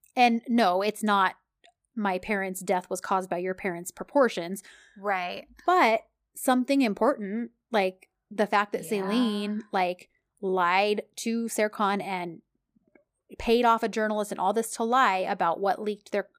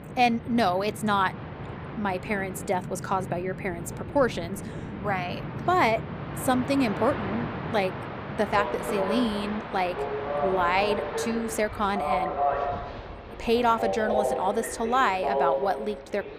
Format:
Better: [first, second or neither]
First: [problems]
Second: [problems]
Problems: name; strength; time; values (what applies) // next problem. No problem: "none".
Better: first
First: none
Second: train or aircraft noise; loud; throughout; 5 dB below the speech